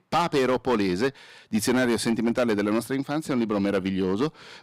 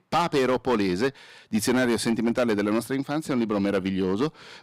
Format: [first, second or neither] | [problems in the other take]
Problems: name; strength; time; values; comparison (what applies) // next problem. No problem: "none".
neither | distortion; slight; 7% of the sound clipped; the same in both